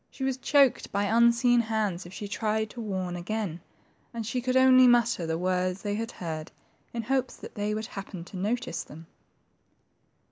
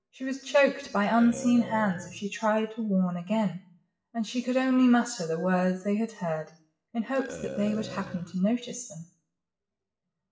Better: first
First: none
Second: noise reduction (classical method WPE with log-MMSE)

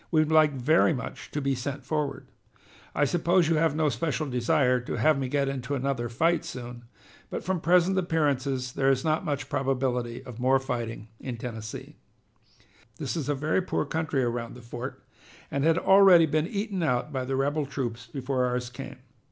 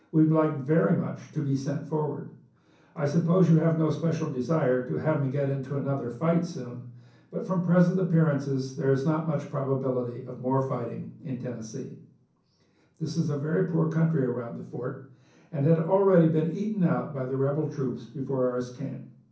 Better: first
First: none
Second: room echo; dies away in 0.6 s

